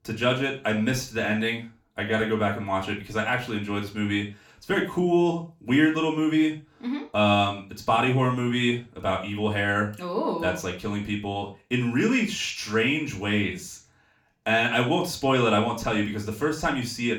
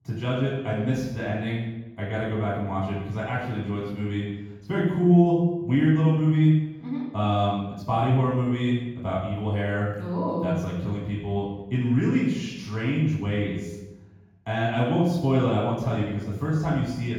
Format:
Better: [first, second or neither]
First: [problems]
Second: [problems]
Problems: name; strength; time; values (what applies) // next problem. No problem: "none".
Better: first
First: room echo; slight; dies away in 0.3 s // off-mic speech; far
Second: room echo; strong; dies away in 1.3 s // off-mic speech; far